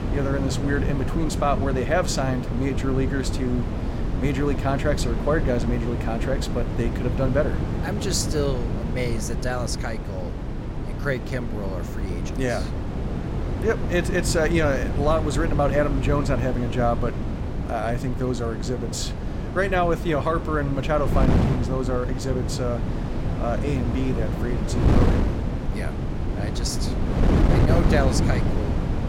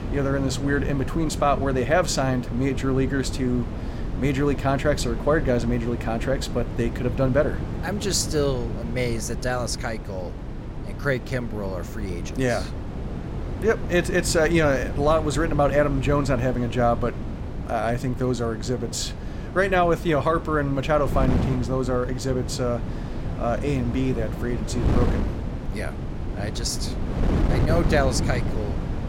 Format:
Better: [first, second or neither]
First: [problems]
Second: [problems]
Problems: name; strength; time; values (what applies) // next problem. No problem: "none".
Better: second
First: wind noise on the microphone; heavy; 6 dB below the speech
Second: wind noise on the microphone; occasional gusts; 10 dB below the speech